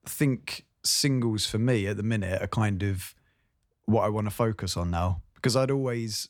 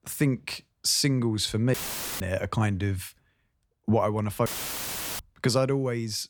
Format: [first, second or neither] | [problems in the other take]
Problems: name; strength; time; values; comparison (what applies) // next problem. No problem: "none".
first | audio cutting out; filled with static; at 1.5 s and at 4.5 s for 0.5 s